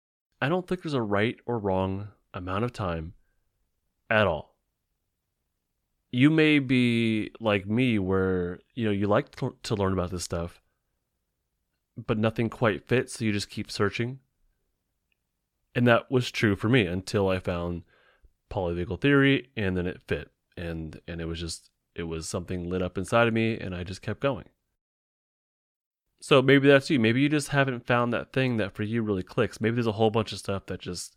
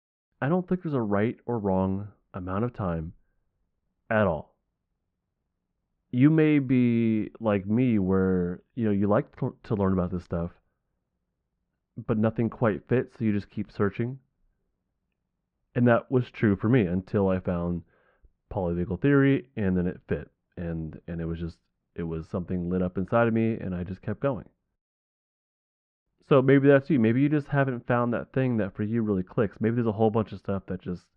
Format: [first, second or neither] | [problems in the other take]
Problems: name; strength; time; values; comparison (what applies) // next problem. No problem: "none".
first | muffled; very; fading above 1.5 kHz